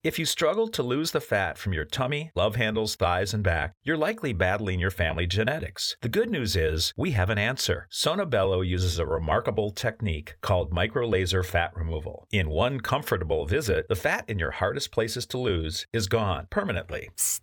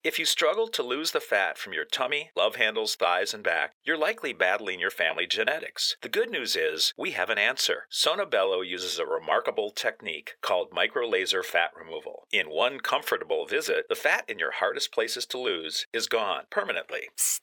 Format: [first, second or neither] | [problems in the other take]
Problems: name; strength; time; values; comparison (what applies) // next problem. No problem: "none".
first | thin; very; fading below 350 Hz